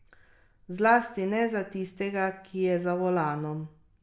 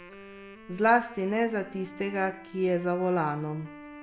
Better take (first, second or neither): first